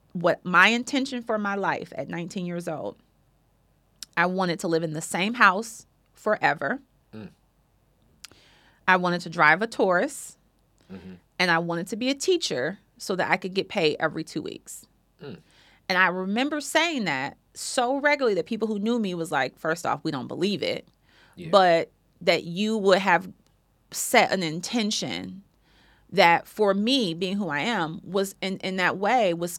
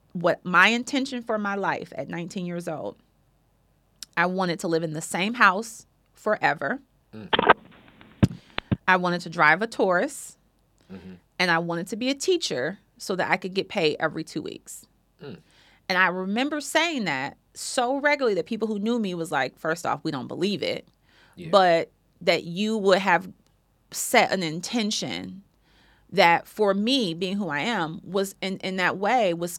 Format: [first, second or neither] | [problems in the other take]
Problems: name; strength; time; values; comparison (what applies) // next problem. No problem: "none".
first | phone ringing; loud; from 7.5 to 8.5 s; peak 4 dB above the speech